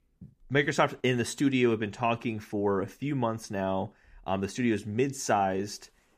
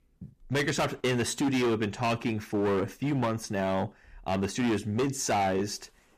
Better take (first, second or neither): first